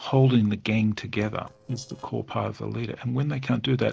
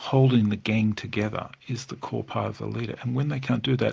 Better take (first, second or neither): second